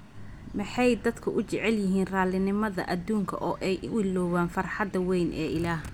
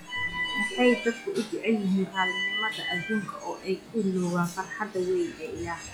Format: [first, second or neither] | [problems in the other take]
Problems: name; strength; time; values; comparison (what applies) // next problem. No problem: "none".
first | noise reduction (classical method log-MMSE)